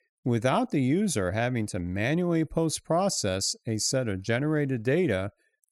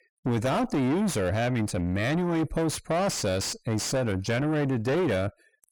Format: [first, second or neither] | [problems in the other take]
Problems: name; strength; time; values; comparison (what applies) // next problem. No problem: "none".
first | distortion; heavy; 6 dB below the speech